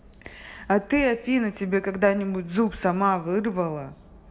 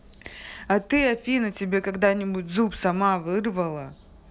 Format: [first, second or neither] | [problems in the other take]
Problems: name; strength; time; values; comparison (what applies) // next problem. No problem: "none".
second | room echo; dies away in 1.4 s